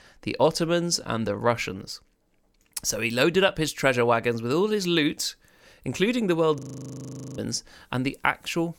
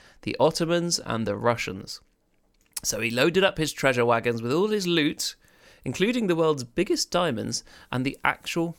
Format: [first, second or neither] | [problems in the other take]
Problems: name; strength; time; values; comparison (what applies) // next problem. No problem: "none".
second | audio freezing; at 6.5 s for 1 s